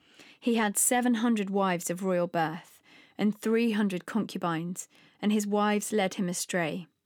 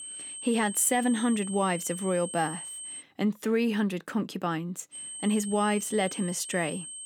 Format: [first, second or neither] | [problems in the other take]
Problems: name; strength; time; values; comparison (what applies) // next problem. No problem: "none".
first | high-pitched whine; loud; until 3 s and from 5 s on; 8.5 kHz, 9 dB below the speech